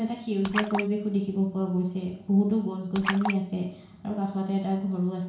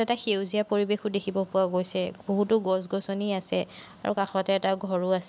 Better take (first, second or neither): second